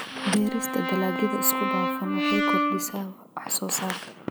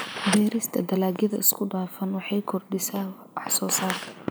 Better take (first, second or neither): second